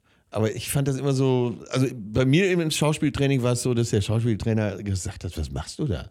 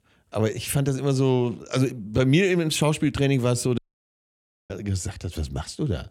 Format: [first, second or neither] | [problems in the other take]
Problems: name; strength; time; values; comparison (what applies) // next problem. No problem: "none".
first | audio cutting out; at 4 s for 1 s